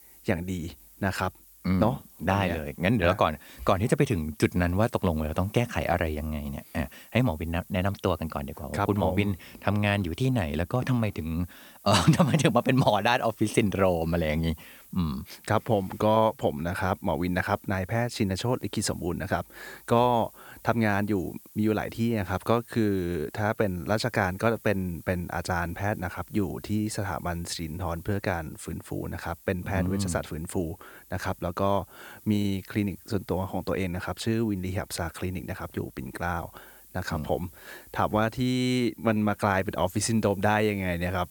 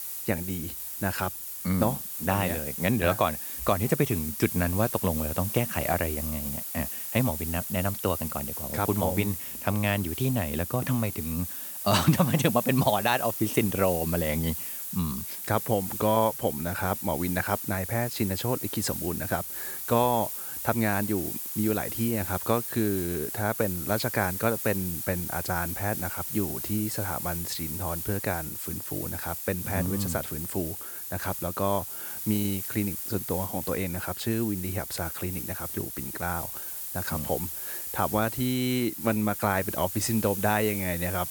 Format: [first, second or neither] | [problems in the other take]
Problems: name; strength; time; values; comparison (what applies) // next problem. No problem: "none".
first | hiss; loud; throughout; 4 dB below the speech; faint in the first